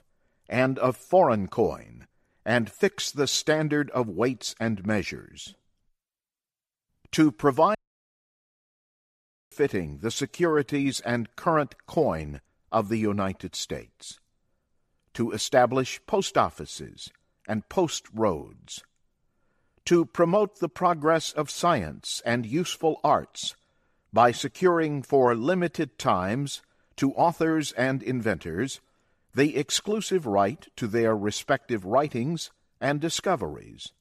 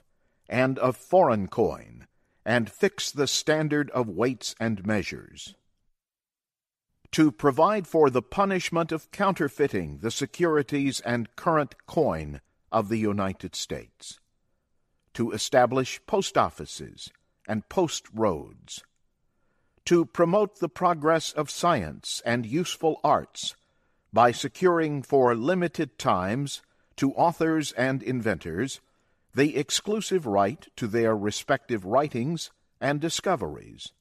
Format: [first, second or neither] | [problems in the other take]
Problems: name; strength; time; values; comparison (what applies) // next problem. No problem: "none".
second | audio cutting out; at 8 s for 2 s